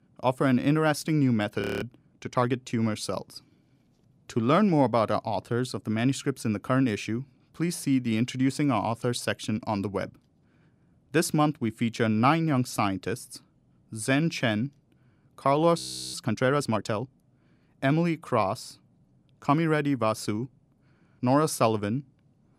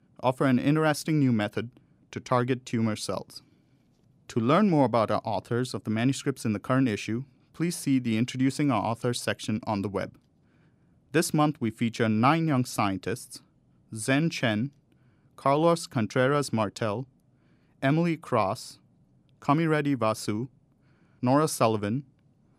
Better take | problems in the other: second | audio freezing; at 1.5 s and at 16 s

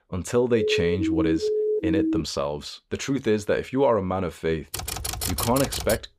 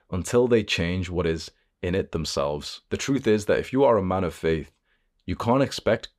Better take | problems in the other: second | siren; loud; from 0.5 to 2 s; peak 2 dB above the speech // keyboard typing; noticeable; from 4.5 s on; peak 1 dB below the speech

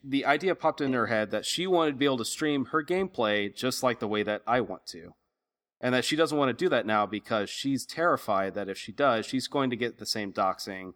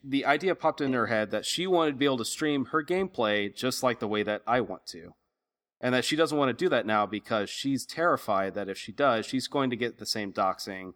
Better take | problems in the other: neither | none

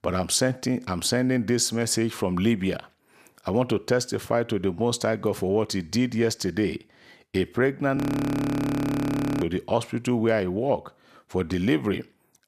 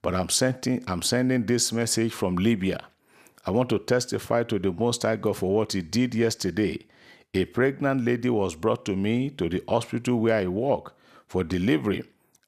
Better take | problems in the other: second | audio freezing; at 8 s for 1.5 s

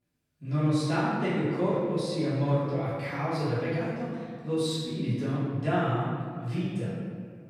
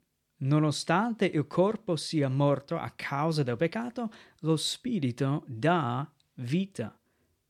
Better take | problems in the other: second | off-mic speech; far // room echo; strong; dies away in 1.9 s

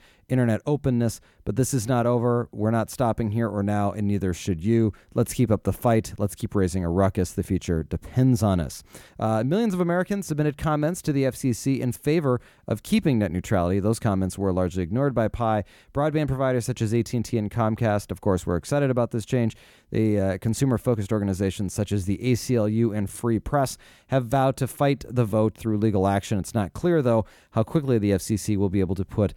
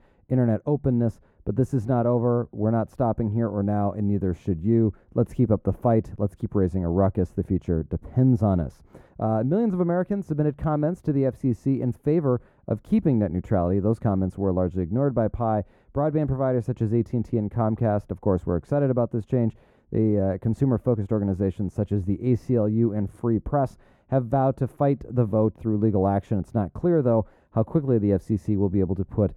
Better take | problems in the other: first | muffled; very; fading above 2 kHz

